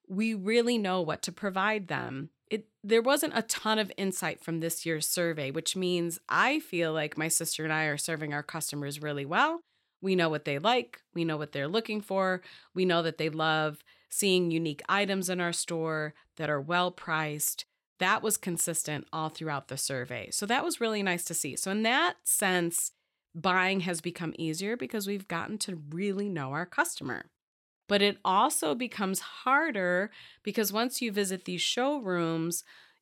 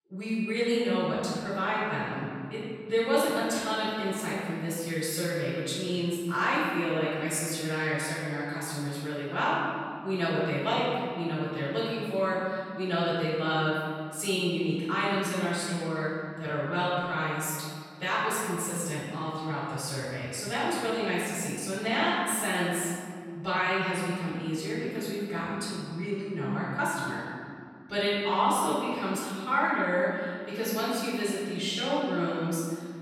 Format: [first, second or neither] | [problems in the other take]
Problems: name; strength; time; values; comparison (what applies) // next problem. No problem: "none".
first | room echo; strong; dies away in 2 s // off-mic speech; far